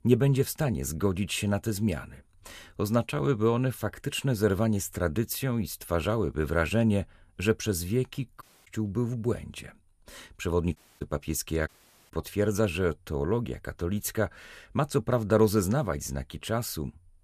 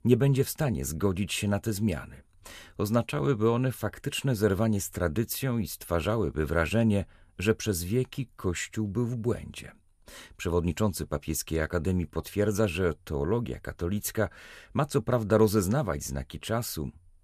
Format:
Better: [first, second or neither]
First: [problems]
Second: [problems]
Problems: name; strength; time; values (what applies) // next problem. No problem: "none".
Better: second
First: audio cutting out; at 8.5 s, at 11 s and at 12 s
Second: none